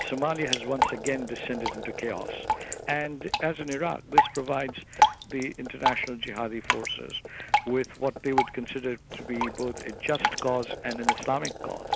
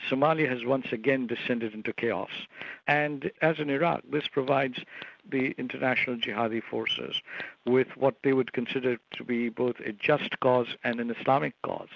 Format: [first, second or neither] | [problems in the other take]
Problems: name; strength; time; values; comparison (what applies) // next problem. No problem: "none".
second | background sound (Drip); 1 dB above the speech